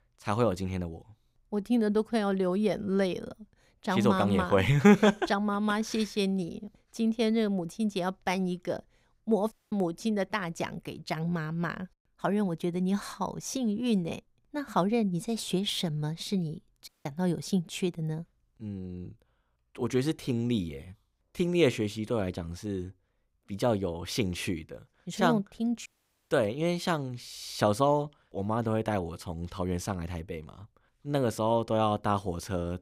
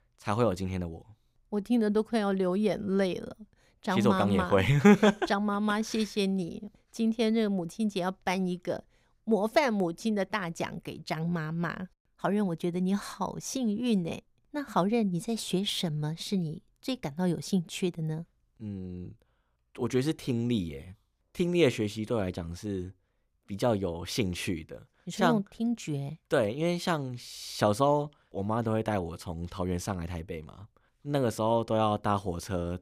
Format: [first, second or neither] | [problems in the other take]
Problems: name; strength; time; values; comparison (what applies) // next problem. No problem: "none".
second | audio cutting out; at 9.5 s, at 17 s and at 26 s